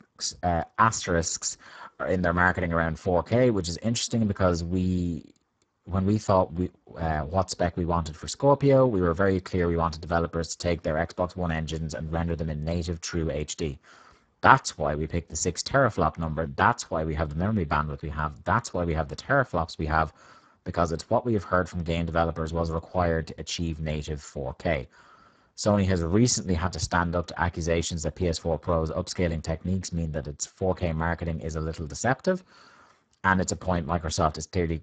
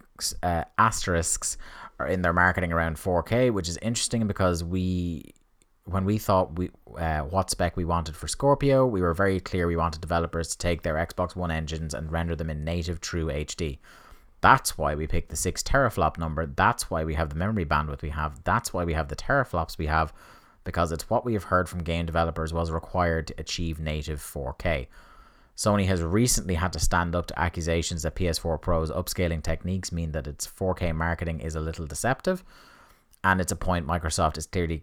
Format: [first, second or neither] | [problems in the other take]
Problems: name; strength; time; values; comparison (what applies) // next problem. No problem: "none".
second | garbled, watery; badly; nothing above 7.5 kHz